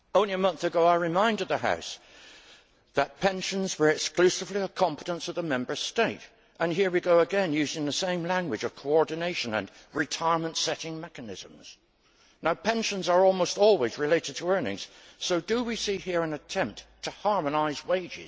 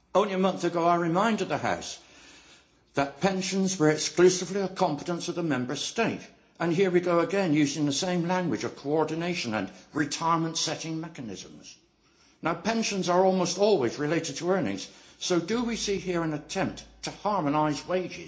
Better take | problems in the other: first | room echo; dies away in 0.4 s

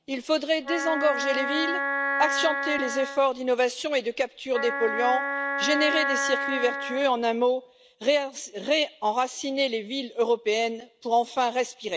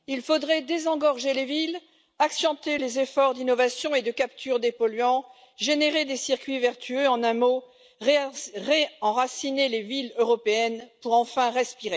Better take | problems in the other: second | background sound (Wind instrument, woodwind instrument); 3 dB below the speech

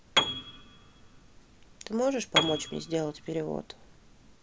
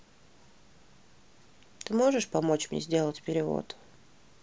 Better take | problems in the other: second | background sound (Piano); as loud as the speech

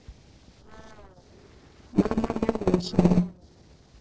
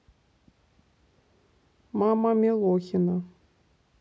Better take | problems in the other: second | noise reduction (neural separator model SepFormer DNS4)

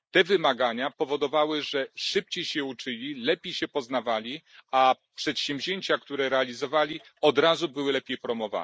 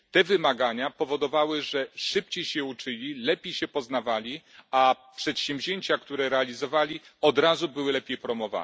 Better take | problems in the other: second | noise reduction (neural mask model Resemble Enhance denoiser)

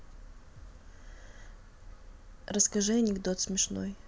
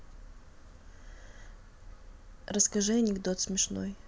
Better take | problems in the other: second | background sound (Bass drum); 20 dB below the speech

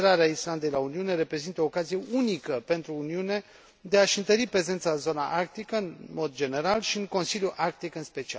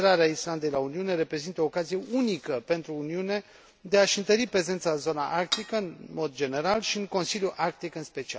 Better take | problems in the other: first | background sound (Cutlery, silverware / Dishes, pots, and pans); 7 dB below the speech

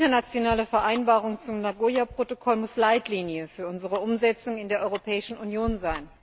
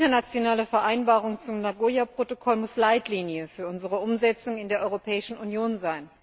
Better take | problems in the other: second | background sound (Tick-tock); 19 dB below the speech

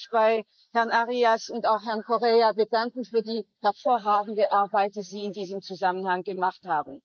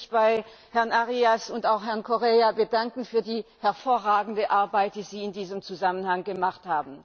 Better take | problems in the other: second | noise reduction (neural mask model Resemble Enhance denoiser)

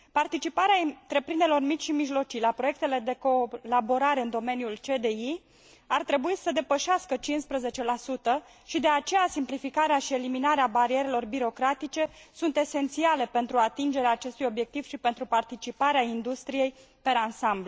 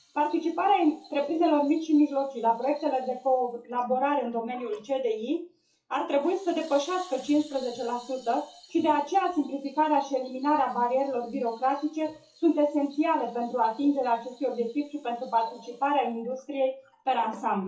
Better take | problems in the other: first | noise reduction (classical method WPE with log-MMSE)

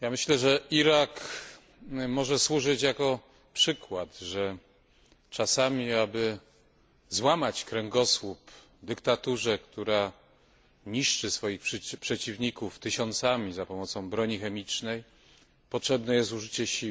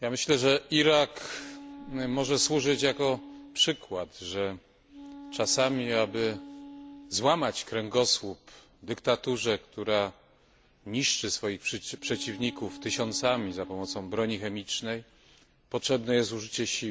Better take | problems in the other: first | background sound (Wind instrument, woodwind instrument); 16 dB below the speech

